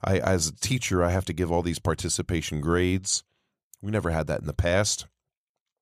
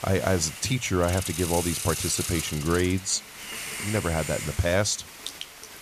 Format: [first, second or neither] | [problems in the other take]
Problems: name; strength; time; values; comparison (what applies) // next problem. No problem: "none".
first | hiss; loud; throughout; 7 dB below the speech